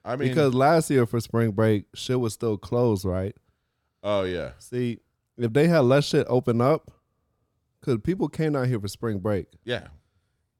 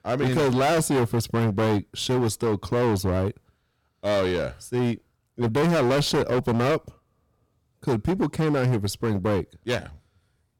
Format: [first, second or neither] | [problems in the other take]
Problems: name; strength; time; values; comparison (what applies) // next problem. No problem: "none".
first | distortion; heavy; 19% of the sound clipped